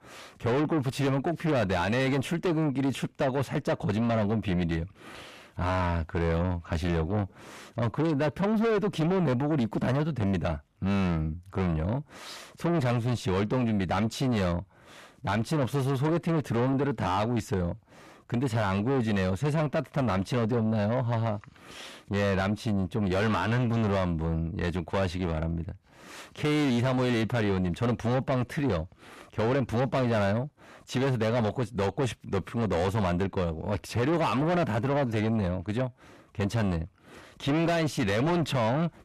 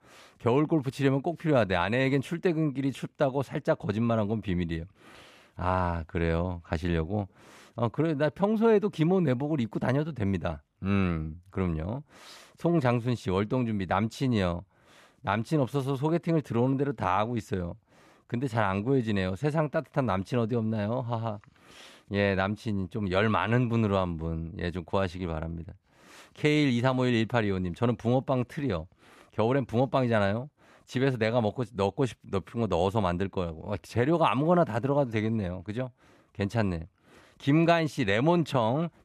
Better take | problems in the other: second | distortion; heavy; 6 dB below the speech

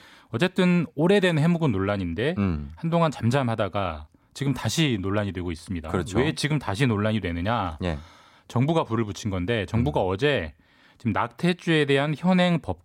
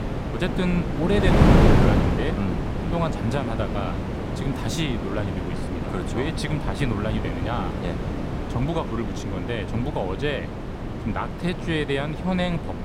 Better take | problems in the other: first | wind noise on the microphone; heavy; as loud as the speech

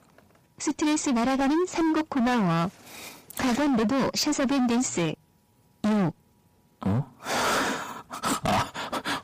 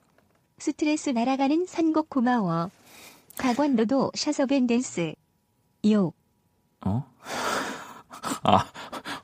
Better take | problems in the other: second | distortion; heavy; 22% of the sound clipped

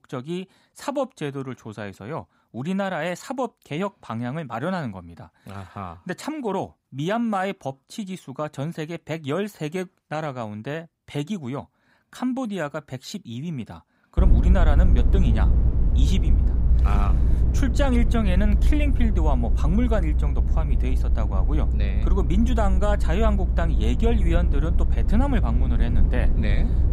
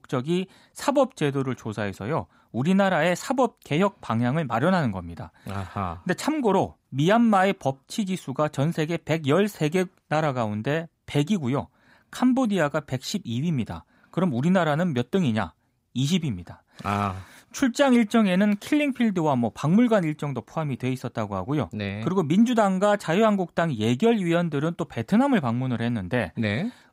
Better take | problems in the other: second | low rumble; loud; from 14 s on; 9 dB below the speech

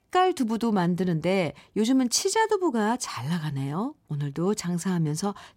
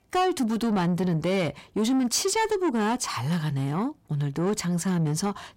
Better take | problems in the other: first | distortion; slight; 10 dB below the speech

